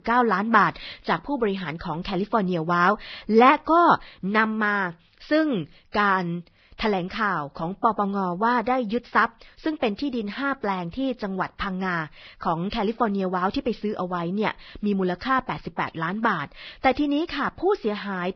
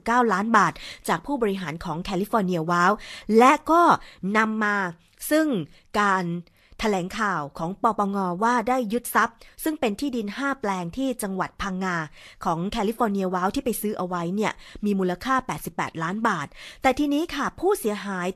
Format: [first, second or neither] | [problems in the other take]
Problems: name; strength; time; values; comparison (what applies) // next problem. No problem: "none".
second | garbled, watery; badly; nothing above 5.5 kHz; slightly in the second